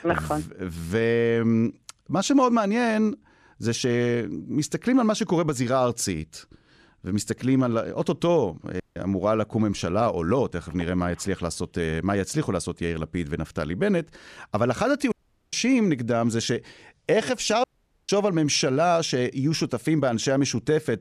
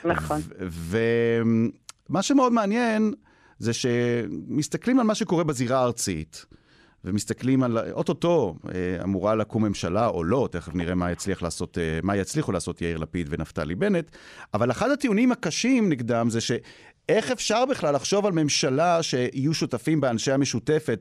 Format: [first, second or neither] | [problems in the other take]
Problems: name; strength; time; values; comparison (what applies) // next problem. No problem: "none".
second | audio cutting out; at 9 s, at 15 s and at 18 s